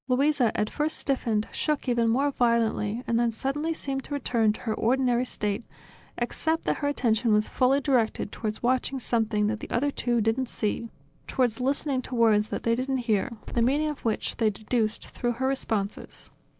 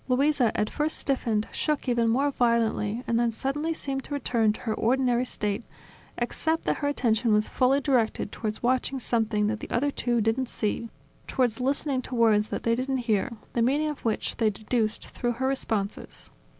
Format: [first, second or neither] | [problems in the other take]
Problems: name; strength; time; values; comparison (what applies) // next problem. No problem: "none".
second | noise reduction (neural mask model DeepFilterNet 3)